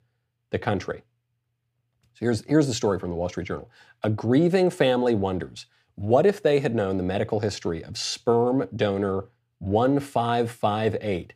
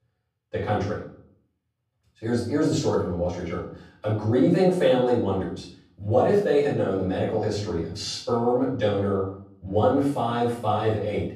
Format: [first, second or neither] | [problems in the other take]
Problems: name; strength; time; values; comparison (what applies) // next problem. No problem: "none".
first | off-mic speech; far // room echo; noticeable; dies away in 0.5 s